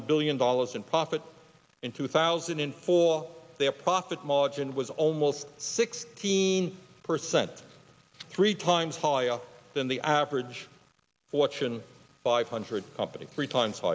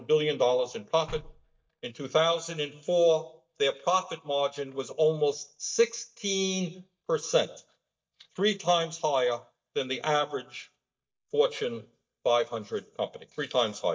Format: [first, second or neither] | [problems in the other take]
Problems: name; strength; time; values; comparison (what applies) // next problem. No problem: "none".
first | noise reduction (neural mask model DeepFilterNet 3)